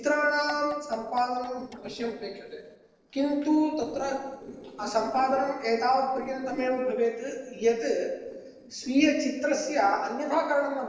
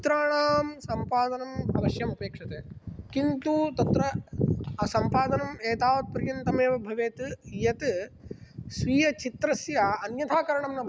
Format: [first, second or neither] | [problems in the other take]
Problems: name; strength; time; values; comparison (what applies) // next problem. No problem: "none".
second | noise reduction (neural separator model SepFormer DNS4)